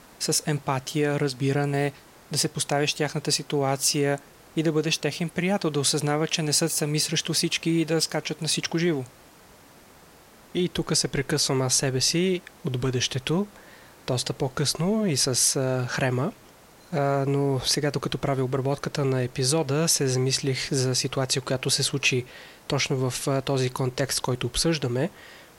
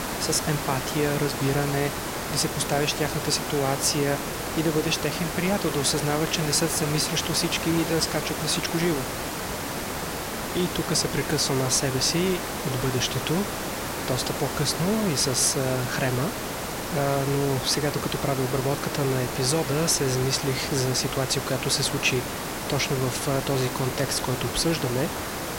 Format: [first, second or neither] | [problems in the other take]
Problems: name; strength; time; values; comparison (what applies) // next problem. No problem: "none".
first | hiss; loud; throughout; 4 dB below the speech; faint in the first